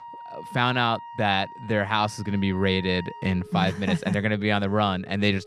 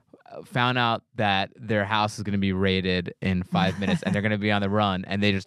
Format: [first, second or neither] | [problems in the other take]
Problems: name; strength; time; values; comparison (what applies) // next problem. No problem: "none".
second | background music; noticeable; throughout; 20 dB below the speech